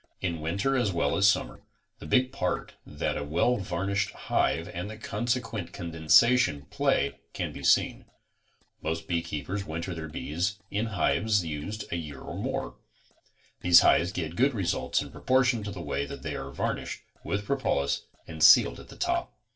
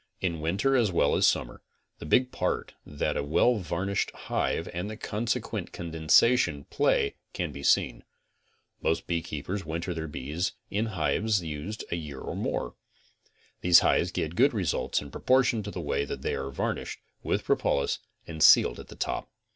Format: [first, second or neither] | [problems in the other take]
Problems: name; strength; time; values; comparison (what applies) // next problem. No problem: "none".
second | noise reduction (neural separator model SepFormer DNS4)